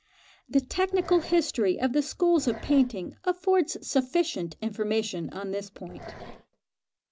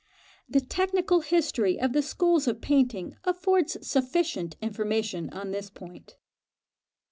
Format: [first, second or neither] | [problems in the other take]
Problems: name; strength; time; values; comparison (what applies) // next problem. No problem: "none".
second | background sound (Growling); 17 dB below the speech